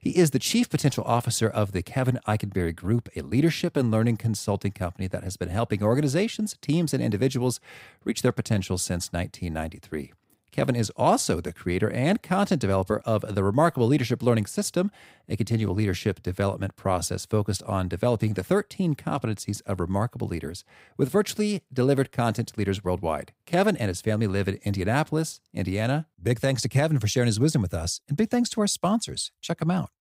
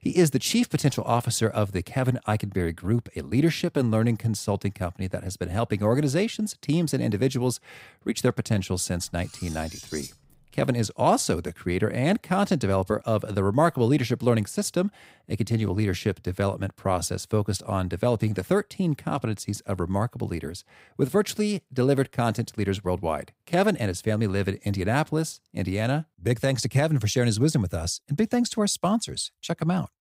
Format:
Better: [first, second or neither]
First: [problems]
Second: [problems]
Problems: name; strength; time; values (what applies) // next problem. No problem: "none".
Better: first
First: none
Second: clattering dishes; faint; from 9 to 11 s; peak 10 dB below the speech